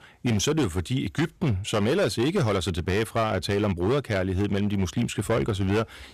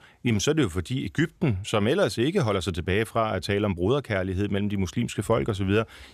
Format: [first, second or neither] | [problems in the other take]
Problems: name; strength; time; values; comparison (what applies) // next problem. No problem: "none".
second | distortion; slight; 13% of the sound clipped